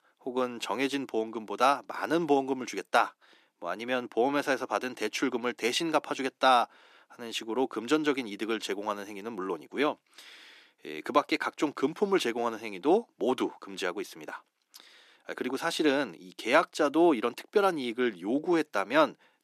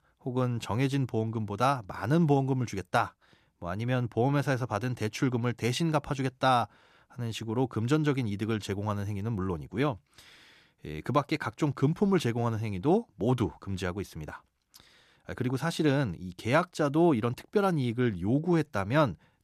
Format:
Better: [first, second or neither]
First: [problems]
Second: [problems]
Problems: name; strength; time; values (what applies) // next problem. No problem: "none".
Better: second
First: thin; somewhat; fading below 300 Hz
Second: none